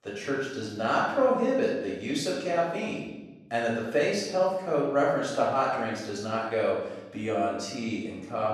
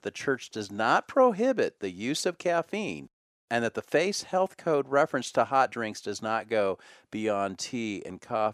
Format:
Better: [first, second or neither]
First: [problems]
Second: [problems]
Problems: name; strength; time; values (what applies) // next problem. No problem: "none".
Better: second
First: room echo; noticeable; dies away in 1 s // off-mic speech; far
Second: none